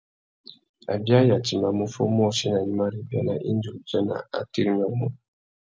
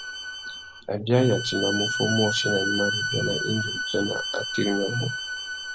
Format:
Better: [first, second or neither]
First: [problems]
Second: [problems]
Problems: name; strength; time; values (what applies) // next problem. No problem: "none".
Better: first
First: none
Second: background sound (Bowed string instrument); 3 dB below the speech